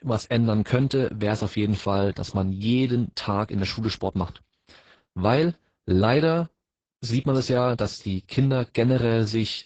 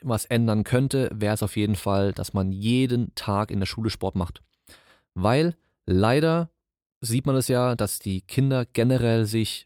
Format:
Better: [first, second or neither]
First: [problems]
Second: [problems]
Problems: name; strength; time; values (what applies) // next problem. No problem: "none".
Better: second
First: garbled, watery; badly; nothing above 8 kHz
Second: none